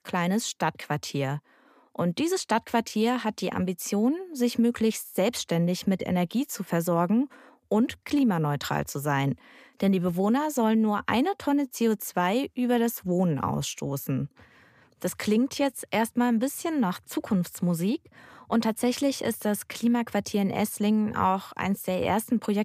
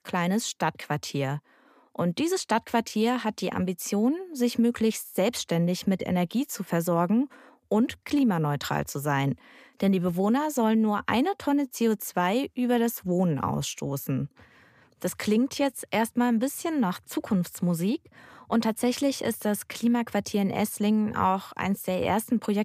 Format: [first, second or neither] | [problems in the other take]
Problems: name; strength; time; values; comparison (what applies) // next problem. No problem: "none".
neither | none